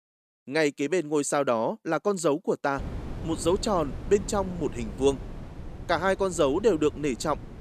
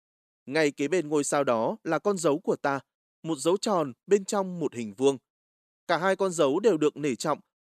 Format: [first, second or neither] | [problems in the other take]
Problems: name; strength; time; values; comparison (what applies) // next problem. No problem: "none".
second | wind noise on the microphone; occasional gusts; from 3 s on; 20 dB below the speech